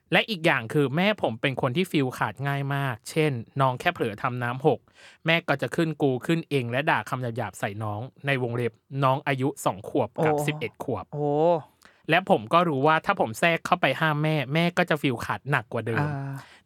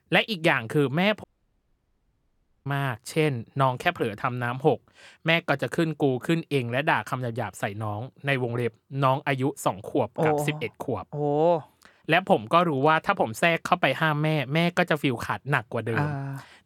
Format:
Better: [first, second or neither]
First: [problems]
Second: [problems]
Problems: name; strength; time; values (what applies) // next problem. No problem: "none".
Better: first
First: none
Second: audio cutting out; at 1 s for 1.5 s